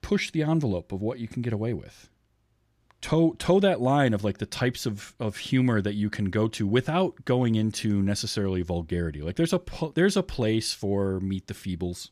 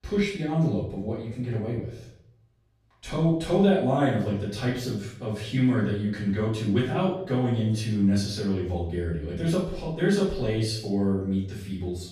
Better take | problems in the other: first | off-mic speech; far // room echo; noticeable; dies away in 0.6 s

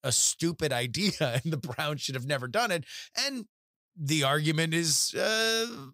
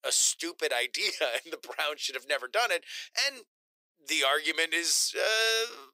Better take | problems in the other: first | thin; very; fading below 400 Hz

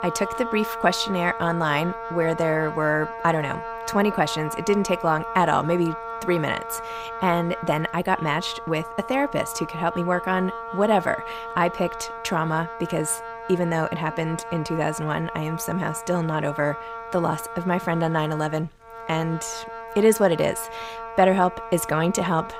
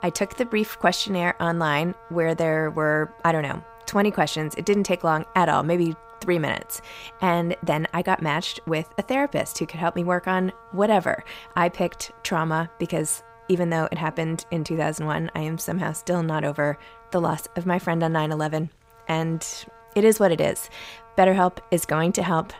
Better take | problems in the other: second | background music; loud; throughout; 9 dB below the speech; faint in the second

